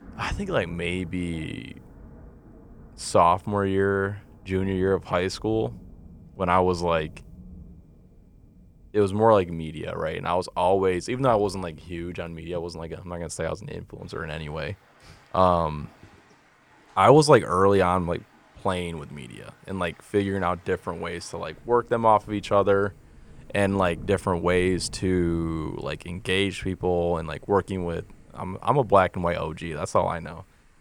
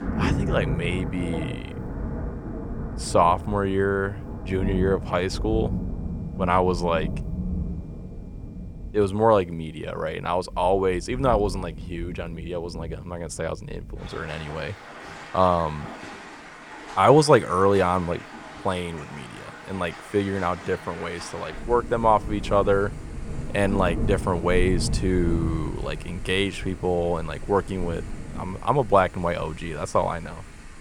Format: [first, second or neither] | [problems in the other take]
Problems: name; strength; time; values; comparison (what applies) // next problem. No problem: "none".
first | rain or running water; loud; throughout; 9 dB below the speech; faint in the first